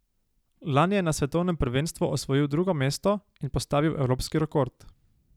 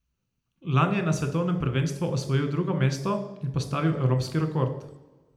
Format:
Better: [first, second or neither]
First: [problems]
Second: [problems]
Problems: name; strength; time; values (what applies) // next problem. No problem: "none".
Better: first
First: none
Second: room echo; dies away in 0.7 s